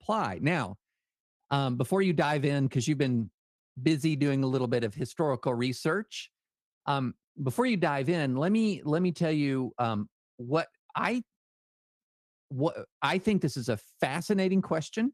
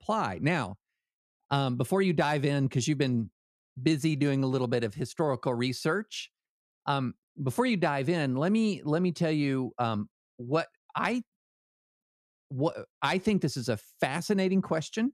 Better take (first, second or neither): second